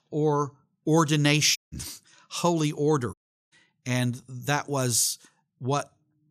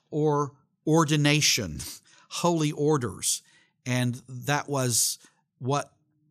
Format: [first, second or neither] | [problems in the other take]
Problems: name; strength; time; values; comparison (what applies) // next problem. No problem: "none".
second | audio cutting out; at 1.5 s and at 3 s